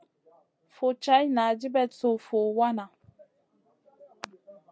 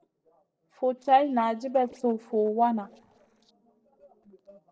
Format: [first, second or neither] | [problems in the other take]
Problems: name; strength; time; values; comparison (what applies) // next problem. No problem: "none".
first | noise reduction (neural separator model SepFormer DNS4)